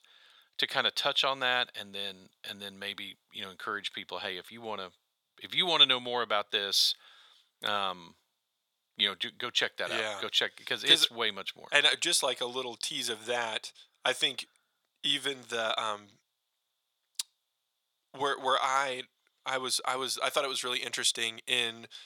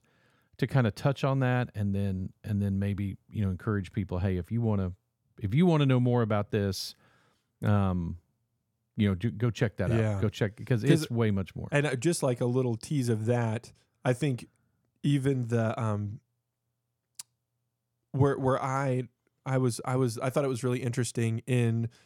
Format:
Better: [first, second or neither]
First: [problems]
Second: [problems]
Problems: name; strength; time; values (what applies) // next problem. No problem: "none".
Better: second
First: thin; very; fading below 850 Hz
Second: none